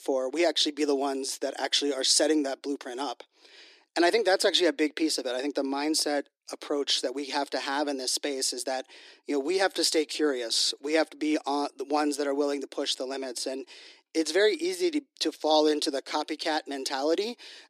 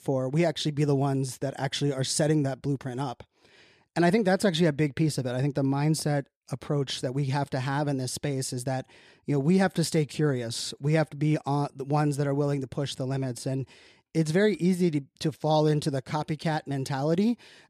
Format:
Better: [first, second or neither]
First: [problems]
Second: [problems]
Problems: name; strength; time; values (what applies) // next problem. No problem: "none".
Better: second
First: thin; somewhat; fading below 300 Hz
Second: none